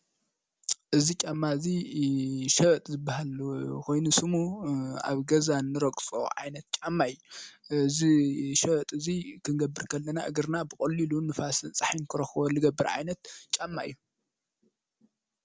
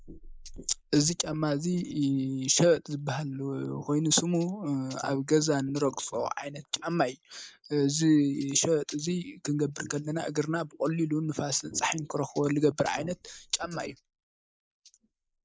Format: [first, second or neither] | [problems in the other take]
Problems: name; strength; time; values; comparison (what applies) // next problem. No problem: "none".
first | noise reduction (neural mask model Resemble Enhance denoiser)